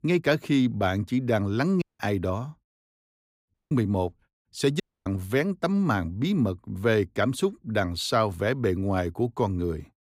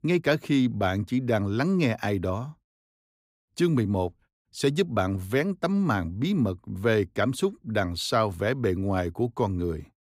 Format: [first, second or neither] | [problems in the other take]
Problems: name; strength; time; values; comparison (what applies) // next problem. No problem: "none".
second | audio cutting out; at 2 s, at 3.5 s and at 5 s